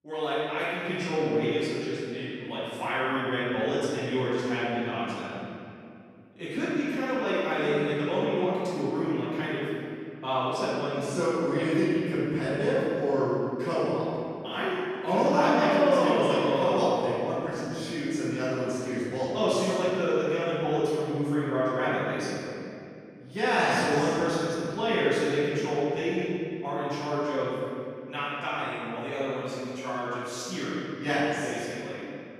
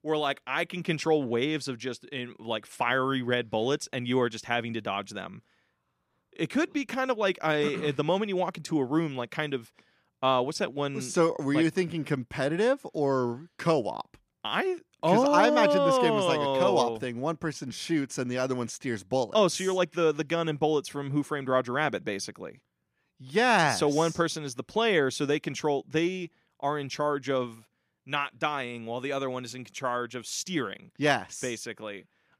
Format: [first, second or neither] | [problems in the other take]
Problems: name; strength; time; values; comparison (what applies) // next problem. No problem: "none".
second | off-mic speech; far // room echo; strong; dies away in 2.4 s